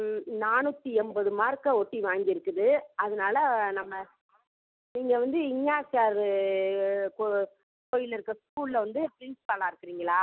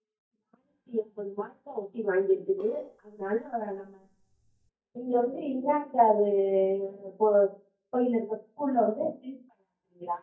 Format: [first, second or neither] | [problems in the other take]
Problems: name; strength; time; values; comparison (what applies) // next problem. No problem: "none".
first | noise reduction (neural mask model DeepFilterNet 3)